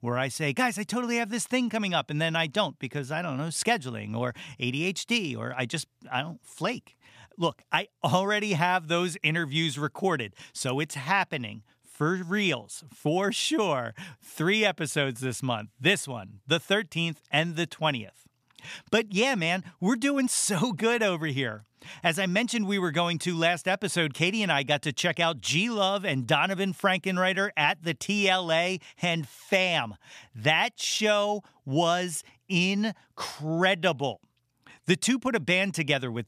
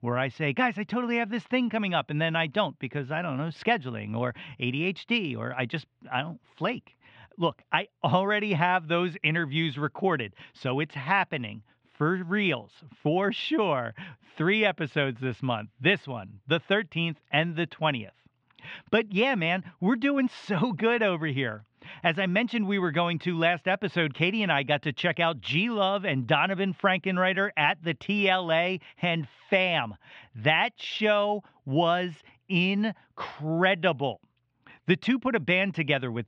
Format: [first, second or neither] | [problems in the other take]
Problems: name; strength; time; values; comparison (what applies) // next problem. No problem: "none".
first | muffled; very; fading above 3 kHz